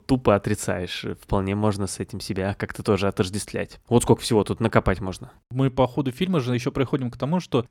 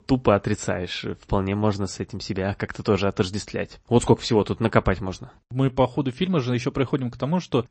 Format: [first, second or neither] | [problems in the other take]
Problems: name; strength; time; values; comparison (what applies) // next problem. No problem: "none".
first | garbled, watery; slightly; nothing above 8 kHz